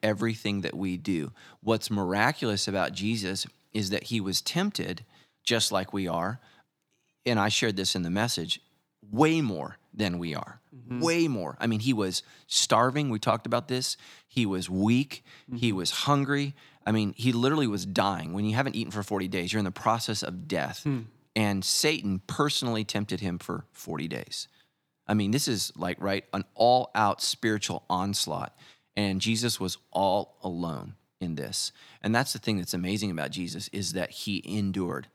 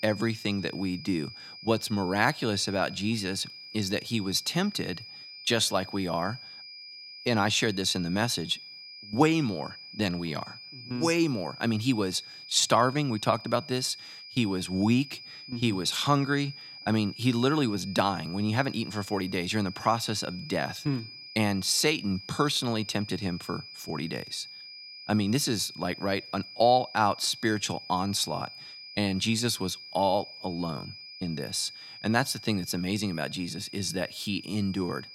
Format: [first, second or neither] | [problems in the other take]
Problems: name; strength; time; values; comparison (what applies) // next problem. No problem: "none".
first | high-pitched whine; noticeable; throughout; 5 kHz, 15 dB below the speech